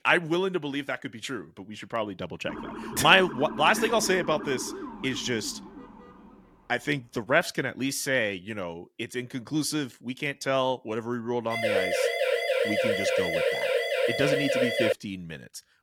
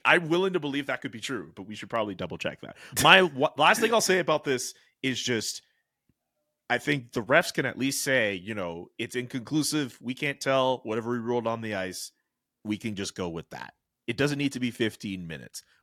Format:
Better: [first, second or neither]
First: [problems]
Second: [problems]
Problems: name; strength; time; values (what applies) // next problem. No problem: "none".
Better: second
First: siren; noticeable; from 2.5 to 6.5 s; peak 8 dB below the speech // siren; loud; from 12 to 15 s; peak 3 dB above the speech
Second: none